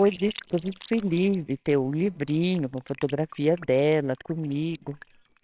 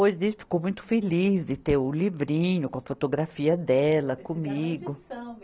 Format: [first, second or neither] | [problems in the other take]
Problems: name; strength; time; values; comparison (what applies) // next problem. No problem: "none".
second | noise reduction (neural separator model SepFormer WHAMR!)